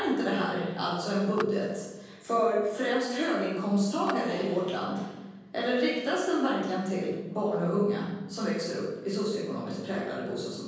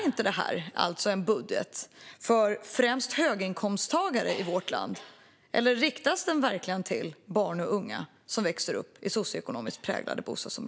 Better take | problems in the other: second | background sound (Clapping); 16 dB below the speech // room echo; dies away in 1.3 s

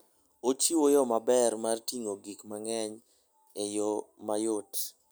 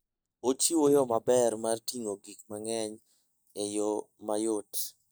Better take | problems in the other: first | noise reduction (neural mask model DeepFilterNet 3)

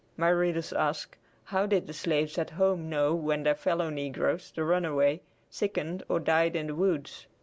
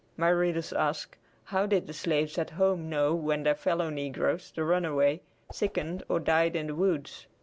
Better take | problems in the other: first | background sound (Whoosh, swoosh, swish); 18 dB below the speech

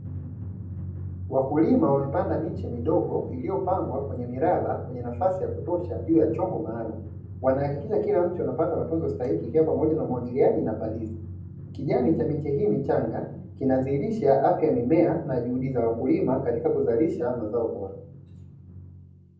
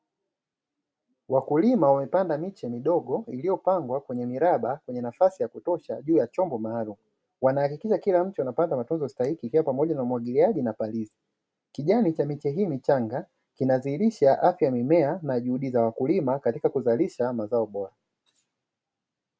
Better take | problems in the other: second | background sound (Drum); 12 dB below the speech // room echo; dies away in 0.6 s

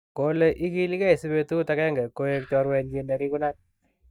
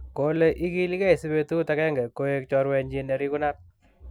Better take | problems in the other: second | noise reduction (neural mask model DeepFilterNet 3)

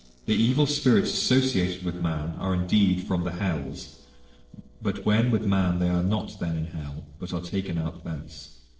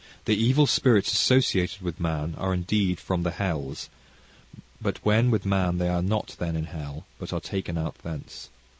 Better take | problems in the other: second | noise reduction (neural separator model SepFormer DNS4)

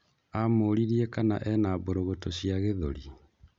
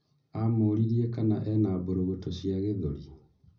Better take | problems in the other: first | room echo; dies away in 0.4 s

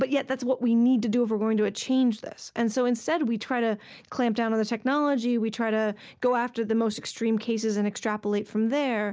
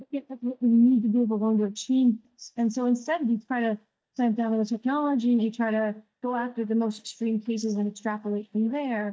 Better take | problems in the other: first | noise reduction (neural mask model DeepFilterNet 3)

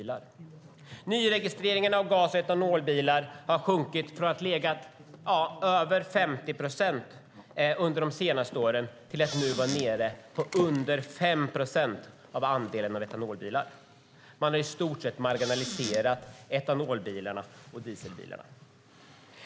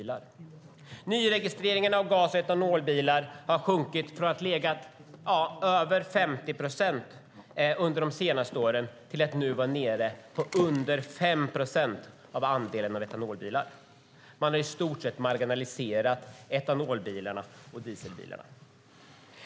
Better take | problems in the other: second | background sound (Squeak / Cupboard open or close); 9 dB below the speech

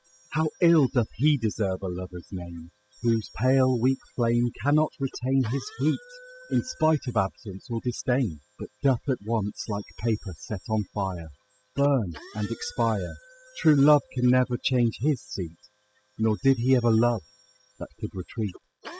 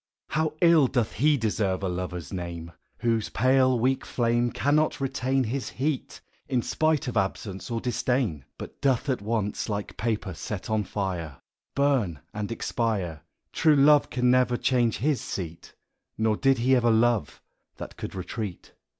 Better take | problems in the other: second | noise reduction (classical method spectral subtraction)

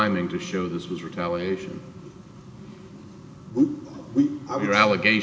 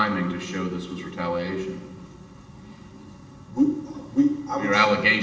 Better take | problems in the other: first | room echo; dies away in 0.9 s

